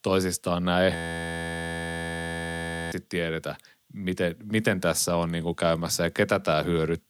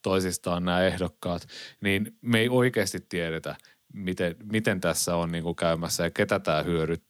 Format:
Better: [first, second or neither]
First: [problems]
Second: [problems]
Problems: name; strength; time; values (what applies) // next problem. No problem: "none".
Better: second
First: audio freezing; at 1 s for 2 s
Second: none